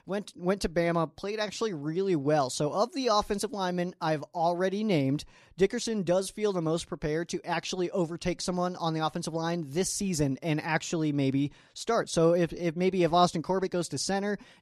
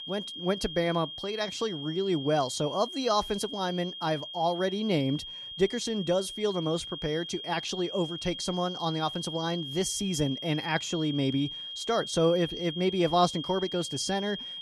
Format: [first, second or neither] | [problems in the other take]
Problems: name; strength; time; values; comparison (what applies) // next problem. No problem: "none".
first | high-pitched whine; loud; throughout; 3 kHz, 7 dB below the speech